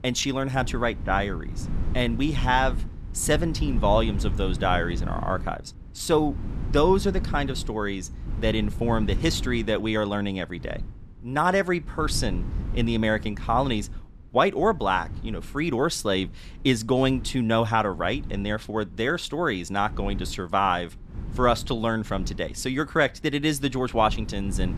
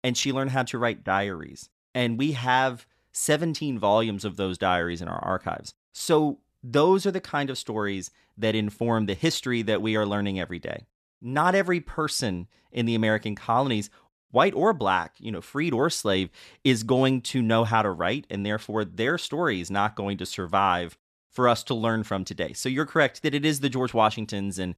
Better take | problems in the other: second | wind noise on the microphone; occasional gusts; 20 dB below the speech

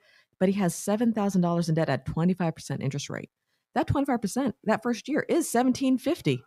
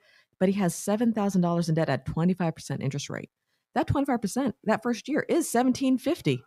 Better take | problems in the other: neither | none

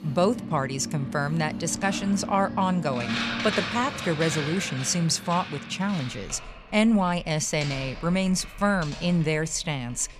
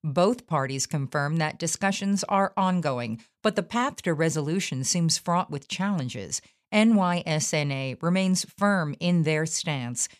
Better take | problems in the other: second | household noises; loud; throughout; 8 dB below the speech

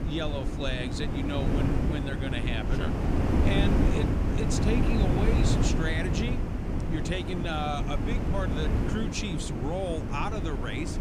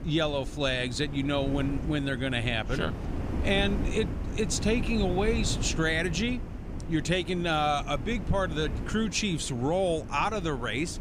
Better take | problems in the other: second | wind noise on the microphone; heavy; 1 dB below the speech; occasional gusts in the second

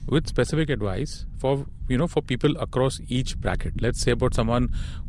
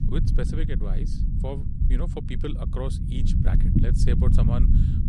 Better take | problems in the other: first | low rumble; loud; throughout; as loud as the speech; faint in the first

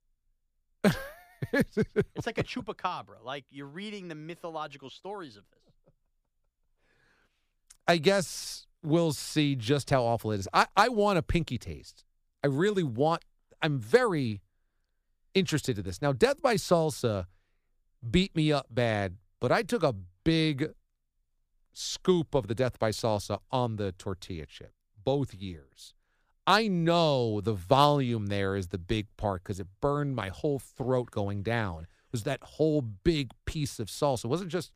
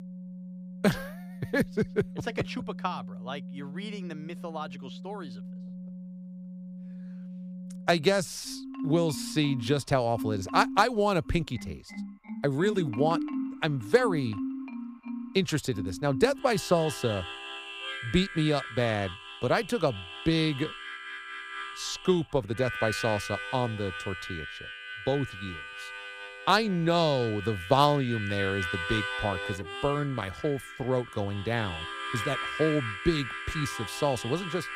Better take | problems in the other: first | background music; loud; throughout; 9 dB below the speech

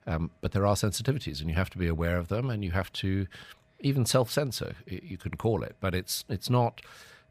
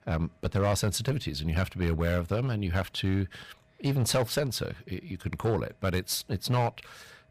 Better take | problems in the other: first | distortion; slight; 7% of the sound clipped

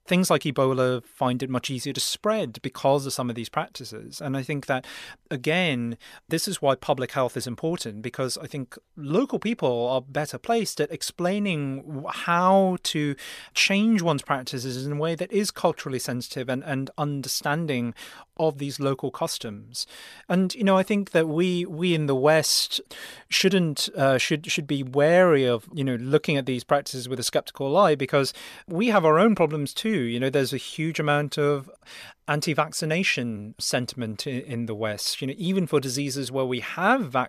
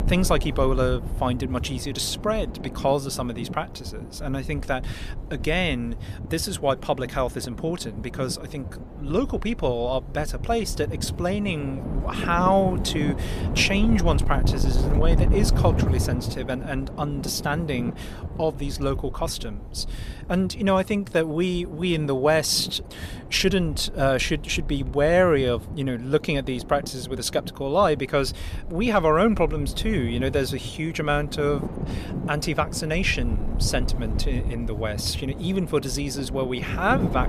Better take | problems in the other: first | wind noise on the microphone; occasional gusts; 15 dB below the speech

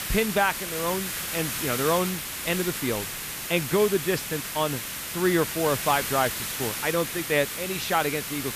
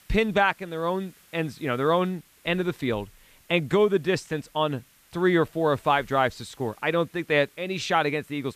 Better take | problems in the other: second | hiss; loud; throughout; 3 dB below the speech; faint in the second

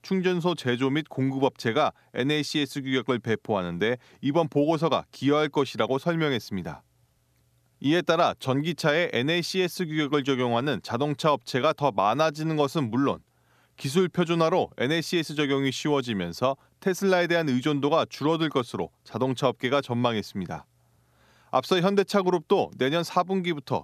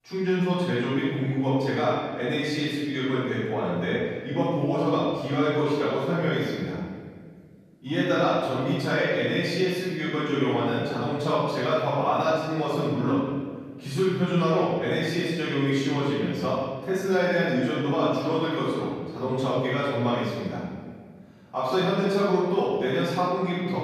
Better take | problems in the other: first | off-mic speech; far // room echo; strong; dies away in 1.6 s

